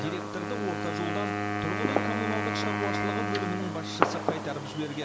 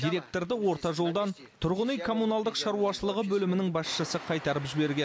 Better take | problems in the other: second | background sound (Fireworks + Wind instrument, woodwind instrument); 5 dB above the speech

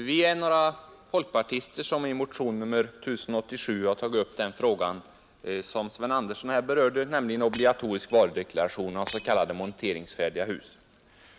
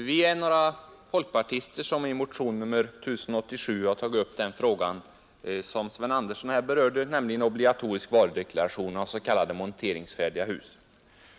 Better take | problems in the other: second | background sound (Shatter); 17 dB below the speech

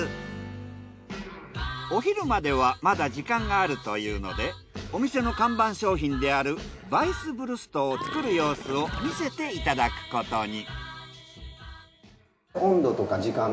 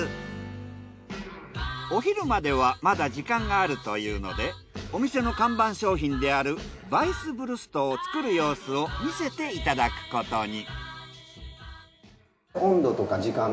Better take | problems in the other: second | background sound (Gurgling / Liquid); 12 dB below the speech

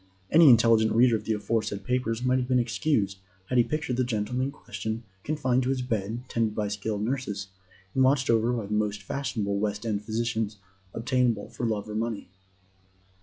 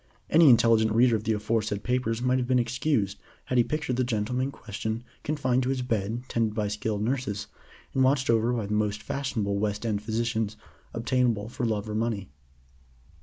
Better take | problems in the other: second | noise reduction (classical method log-MMSE)

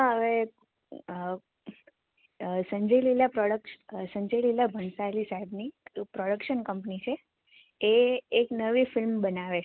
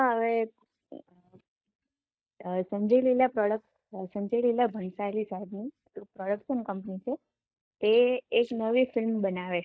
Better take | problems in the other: first | noise reduction (neural mask model DeepFilterNet 3)

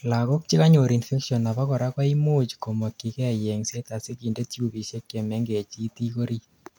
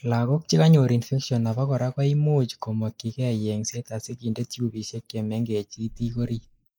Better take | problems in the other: first | noise reduction (neural mask model Resemble Enhance denoiser)

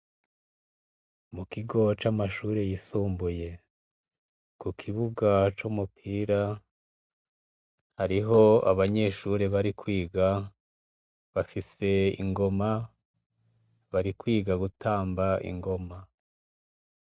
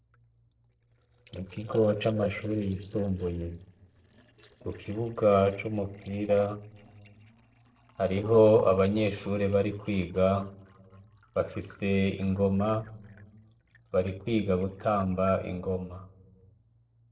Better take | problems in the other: first | noise reduction (neural separator model SepFormer DNS4)

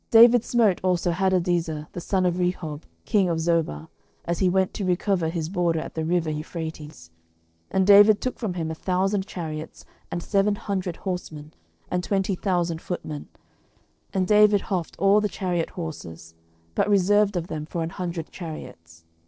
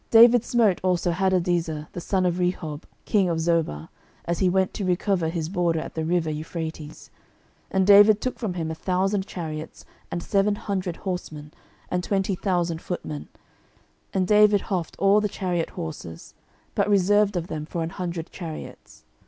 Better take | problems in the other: second | noise reduction (neural separator model SepFormer DNS4)

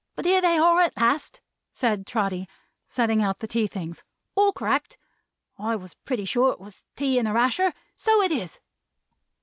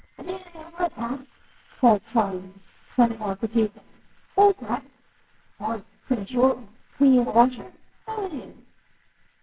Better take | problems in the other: first | noise reduction (neural separator model SepFormer WHAMR!)

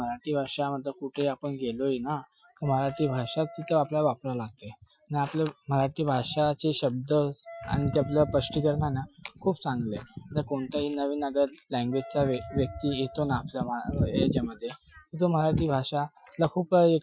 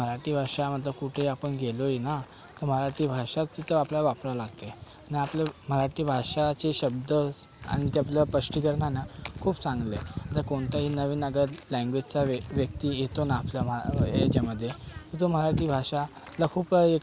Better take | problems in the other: second | noise reduction (classical method Wiener filter)

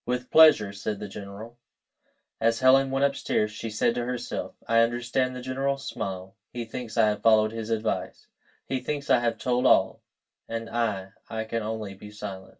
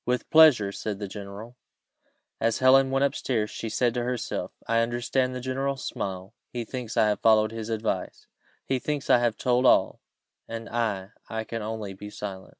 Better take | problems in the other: second | room echo; dies away in 0.1 s

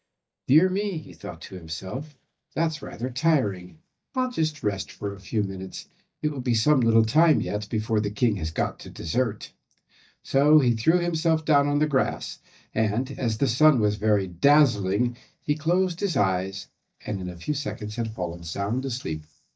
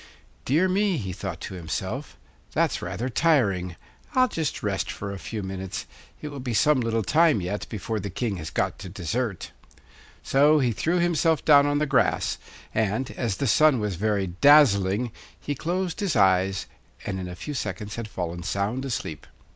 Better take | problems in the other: second | noise reduction (neural mask model DeepFilterNet 3)

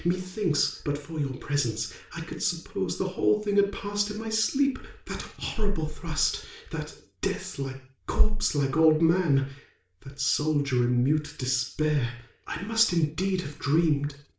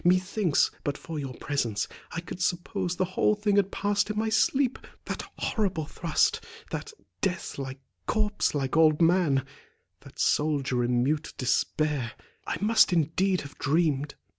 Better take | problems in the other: second | room echo; dies away in 0.4 s

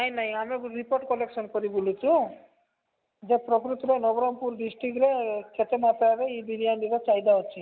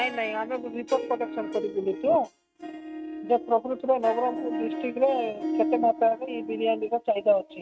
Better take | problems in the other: first | noise reduction (neural mask model RNNoise)

